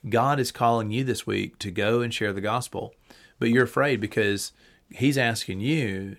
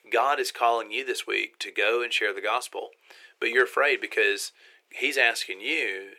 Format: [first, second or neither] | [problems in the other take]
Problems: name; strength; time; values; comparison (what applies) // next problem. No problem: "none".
first | thin; very; fading below 400 Hz